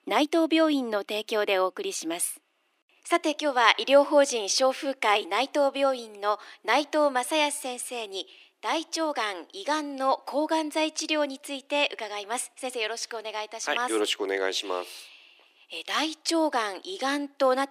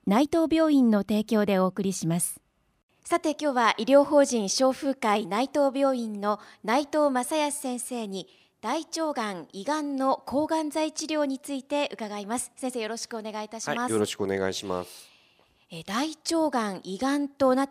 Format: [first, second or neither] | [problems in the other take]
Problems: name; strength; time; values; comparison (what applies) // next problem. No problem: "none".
second | thin; somewhat; fading below 300 Hz